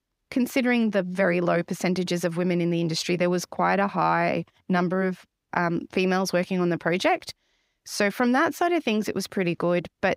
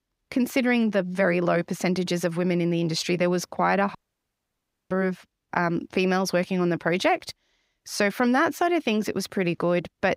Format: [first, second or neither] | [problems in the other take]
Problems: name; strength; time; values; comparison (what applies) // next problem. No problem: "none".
first | audio cutting out; at 4 s for 1 s